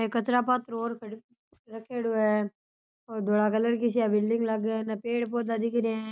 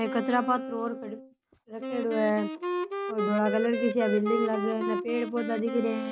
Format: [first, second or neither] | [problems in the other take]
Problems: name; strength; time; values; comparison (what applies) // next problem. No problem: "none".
first | background sound (Wind instrument, woodwind instrument); 4 dB below the speech